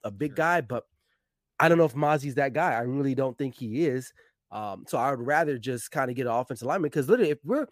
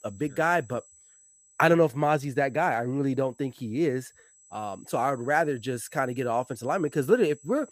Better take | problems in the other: first | high-pitched whine; faint; throughout; 8 kHz, 25 dB below the speech

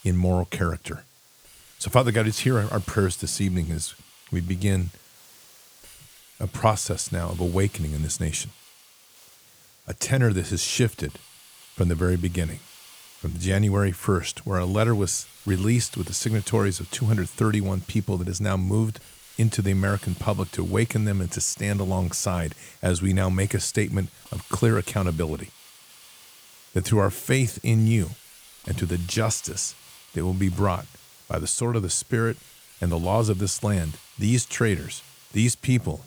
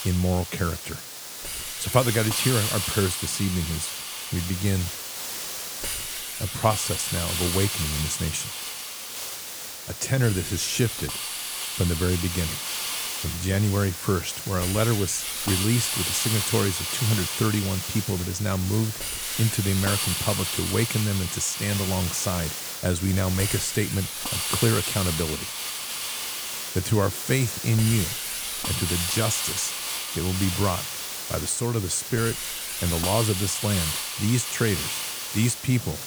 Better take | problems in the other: first | hiss; loud; throughout; 2 dB below the speech; faint in the first

